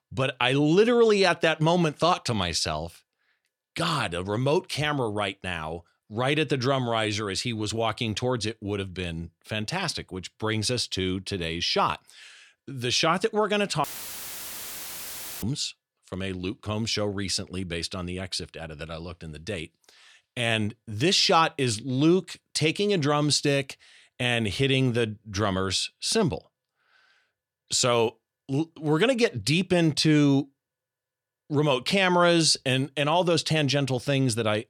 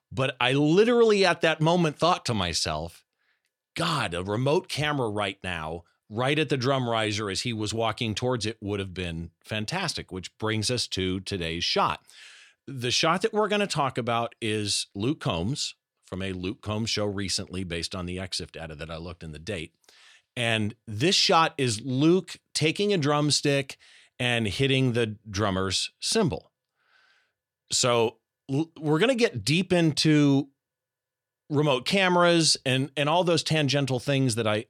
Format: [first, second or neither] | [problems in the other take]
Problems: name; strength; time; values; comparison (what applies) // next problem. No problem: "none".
second | audio cutting out; filled with static; at 14 s for 1.5 s